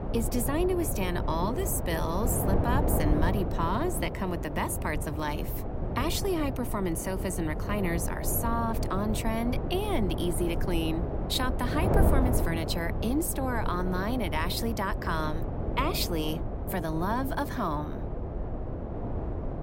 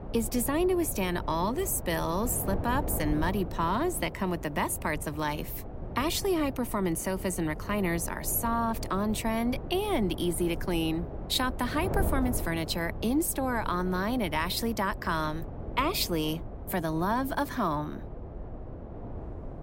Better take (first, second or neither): second